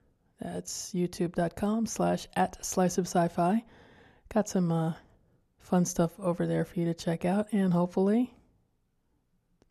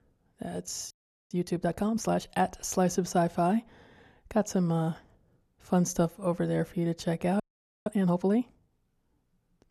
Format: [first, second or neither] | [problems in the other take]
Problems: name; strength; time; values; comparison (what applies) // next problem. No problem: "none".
first | audio freezing; at 1 s and at 7.5 s